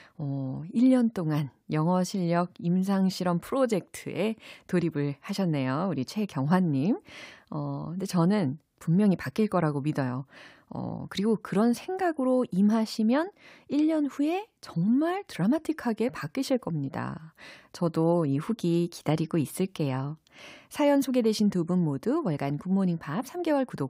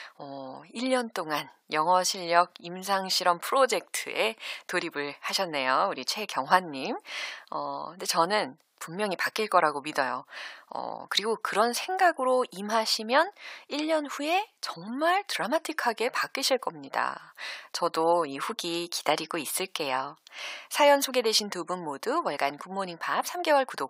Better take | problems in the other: first | thin; very; fading below 850 Hz

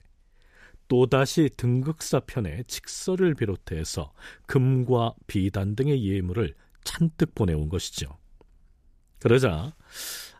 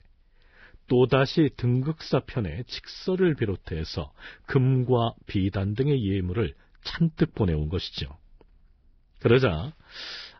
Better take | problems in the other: first | garbled, watery; badly; nothing above 5.5 kHz

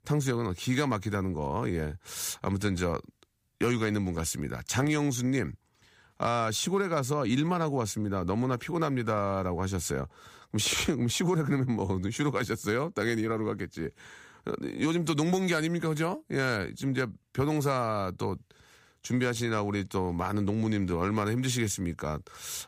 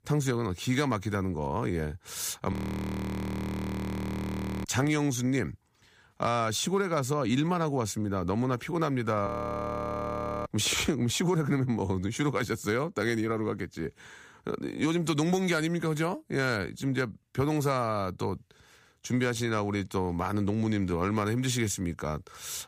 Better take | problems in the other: first | audio freezing; at 2.5 s for 2 s and at 9.5 s for 1 s

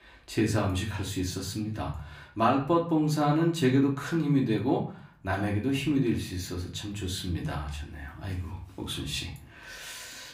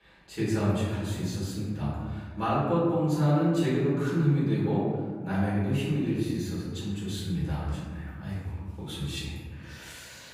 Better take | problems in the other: first | room echo; strong; dies away in 1.6 s; slight in the first // off-mic speech; far; far in the first

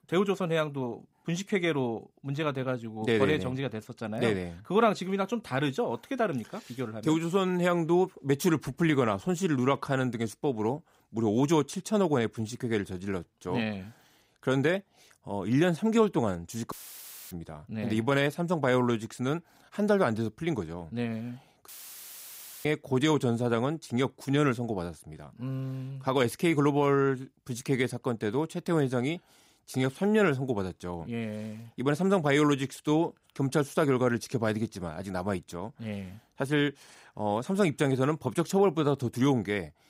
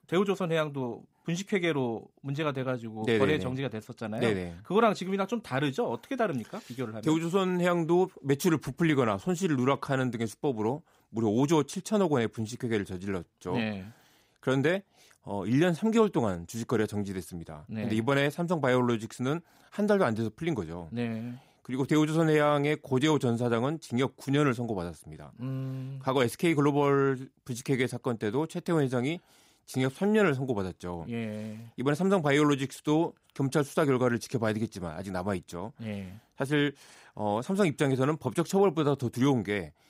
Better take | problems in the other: second | audio cutting out; filled with static; at 17 s for 0.5 s and at 22 s for 1 s

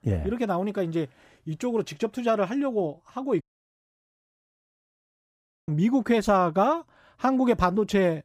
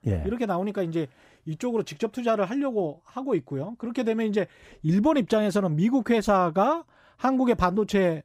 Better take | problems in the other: second | audio cutting out; at 3.5 s for 2.5 s

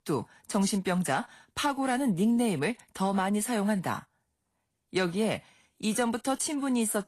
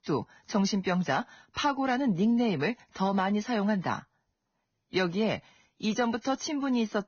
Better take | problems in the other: first | garbled, watery; badly; nothing above 6.5 kHz; slightly in the first

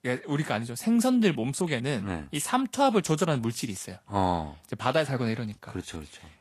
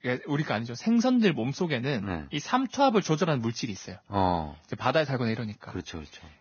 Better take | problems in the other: first | garbled, watery; badly; nothing above 6.5 kHz; slightly in the first

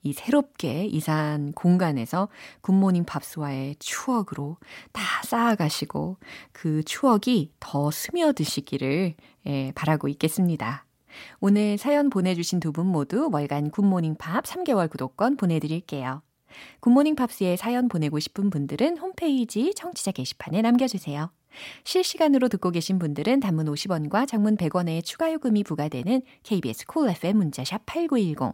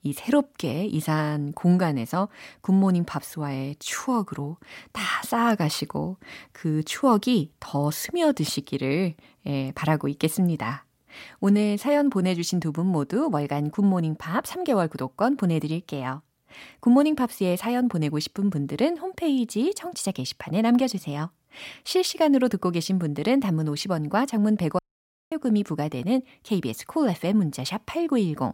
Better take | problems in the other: first | audio cutting out; at 25 s for 0.5 s

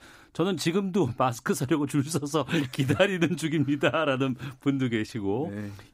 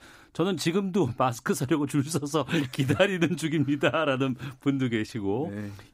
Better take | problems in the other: neither | none

